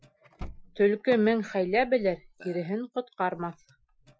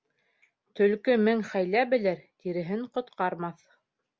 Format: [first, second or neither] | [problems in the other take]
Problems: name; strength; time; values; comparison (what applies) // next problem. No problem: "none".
second | noise reduction (classical method Wiener filter)